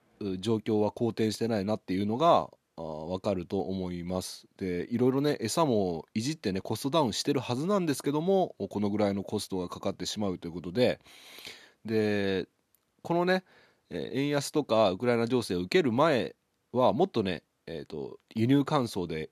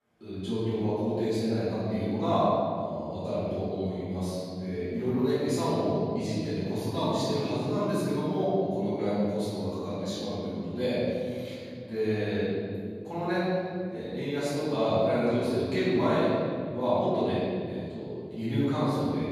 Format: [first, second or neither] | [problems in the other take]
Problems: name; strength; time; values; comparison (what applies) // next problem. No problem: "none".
first | off-mic speech; far // room echo; strong; dies away in 2.8 s